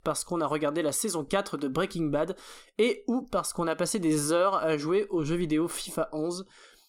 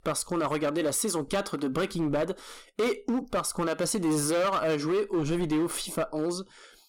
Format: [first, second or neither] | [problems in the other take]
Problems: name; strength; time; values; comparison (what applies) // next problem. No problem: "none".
first | distortion; slight; 13% of the sound clipped